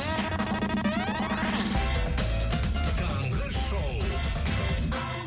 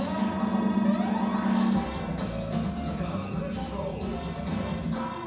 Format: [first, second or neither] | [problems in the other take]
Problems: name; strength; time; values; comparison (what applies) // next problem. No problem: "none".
first | room echo; dies away in 0.7 s